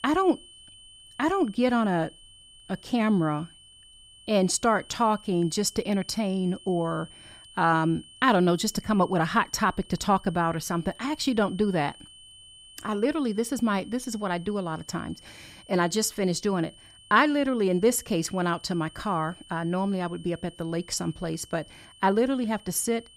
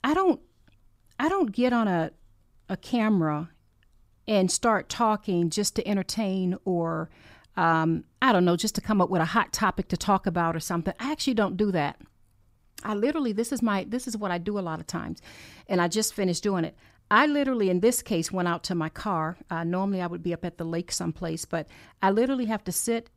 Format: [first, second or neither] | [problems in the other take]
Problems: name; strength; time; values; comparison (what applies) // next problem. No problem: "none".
second | high-pitched whine; faint; throughout; 3 kHz, 25 dB below the speech